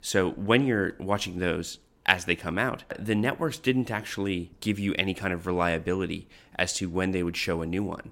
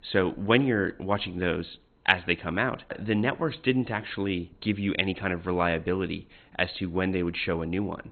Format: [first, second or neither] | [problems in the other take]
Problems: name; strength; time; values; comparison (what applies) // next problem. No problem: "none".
first | garbled, watery; badly; nothing above 4 kHz